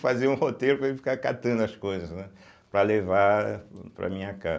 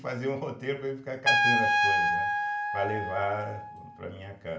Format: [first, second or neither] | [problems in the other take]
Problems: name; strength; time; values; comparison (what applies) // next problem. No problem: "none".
first | background sound (Trumpet); 5 dB above the speech // room echo; dies away in 0.4 s